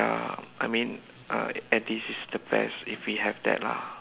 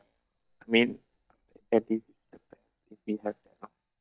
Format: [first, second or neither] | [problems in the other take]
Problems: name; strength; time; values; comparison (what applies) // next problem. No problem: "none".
first | noise reduction (neural mask model DeepFilterNet 3)